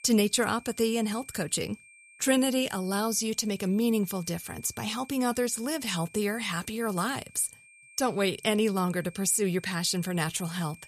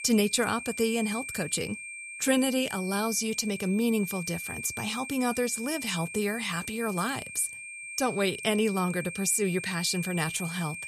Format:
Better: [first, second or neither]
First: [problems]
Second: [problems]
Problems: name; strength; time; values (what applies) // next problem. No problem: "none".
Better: first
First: high-pitched whine; faint; throughout; 2.5 kHz, 25 dB below the speech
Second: high-pitched whine; loud; throughout; 2.5 kHz, 9 dB below the speech